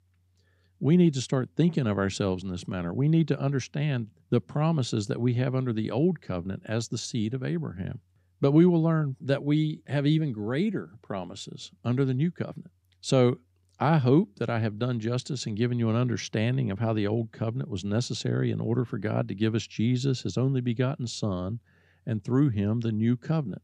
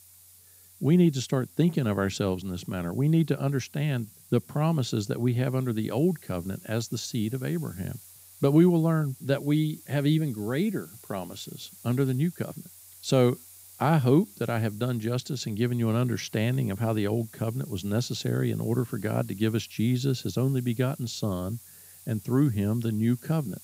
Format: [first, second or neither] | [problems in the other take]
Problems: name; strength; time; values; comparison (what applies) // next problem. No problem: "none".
first | hiss; faint; throughout; 20 dB below the speech